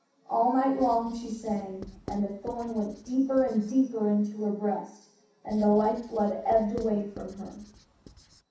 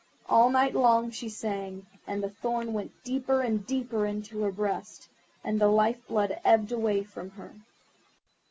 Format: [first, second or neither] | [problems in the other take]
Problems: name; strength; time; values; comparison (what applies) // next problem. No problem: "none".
second | background sound (Writing); 20 dB below the speech // room echo; dies away in 0.7 s